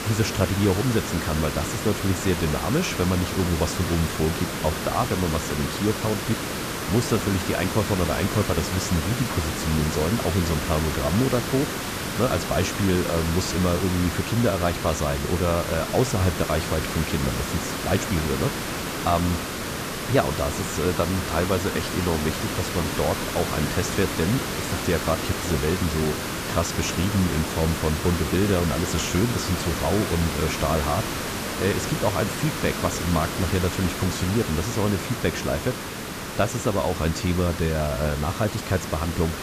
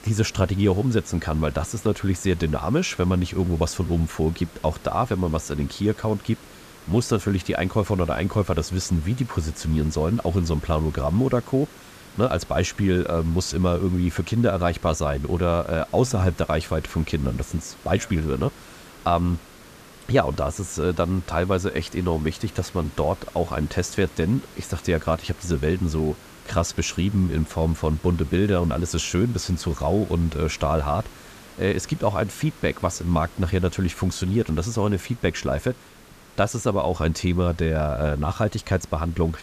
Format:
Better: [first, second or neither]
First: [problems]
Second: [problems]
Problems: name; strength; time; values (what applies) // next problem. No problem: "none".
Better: second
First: hiss; loud; throughout; 3 dB below the speech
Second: hiss; faint; throughout; 20 dB below the speech